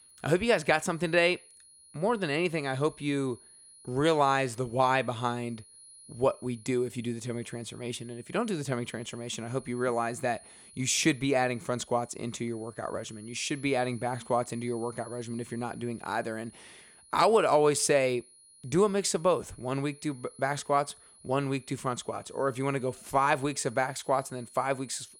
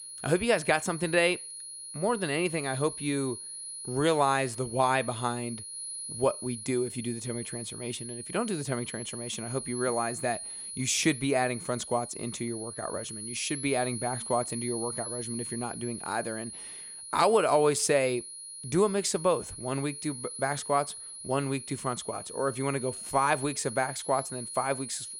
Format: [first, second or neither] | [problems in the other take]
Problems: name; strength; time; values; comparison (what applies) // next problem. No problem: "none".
first | high-pitched whine; loud; throughout; 10.5 kHz, 8 dB below the speech; faint in the first